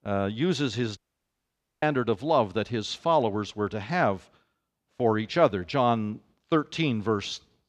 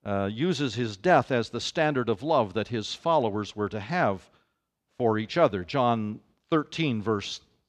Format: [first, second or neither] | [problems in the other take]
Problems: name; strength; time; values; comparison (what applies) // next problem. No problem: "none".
second | audio cutting out; at 1 s for 1 s